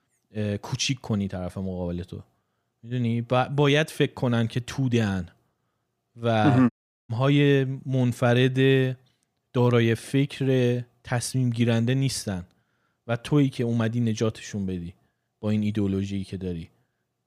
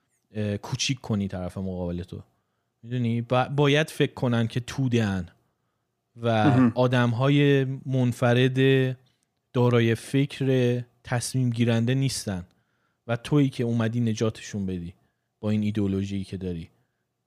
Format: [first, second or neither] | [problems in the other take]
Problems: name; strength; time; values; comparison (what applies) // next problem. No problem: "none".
second | audio cutting out; at 6.5 s